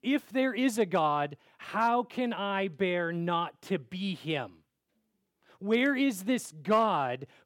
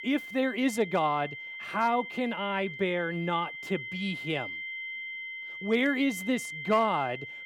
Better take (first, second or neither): first